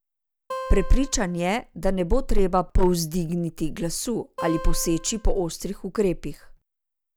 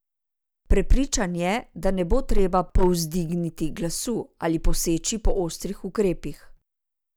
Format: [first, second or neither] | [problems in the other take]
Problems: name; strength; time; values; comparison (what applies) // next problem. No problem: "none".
second | background sound (Acoustic guitar); 14 dB below the speech